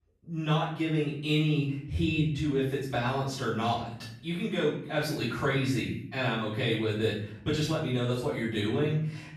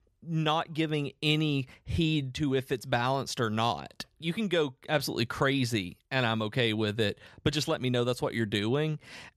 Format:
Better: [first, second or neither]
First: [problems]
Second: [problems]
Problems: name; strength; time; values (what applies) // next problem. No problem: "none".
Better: second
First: off-mic speech; far // room echo; noticeable; dies away in 0.6 s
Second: none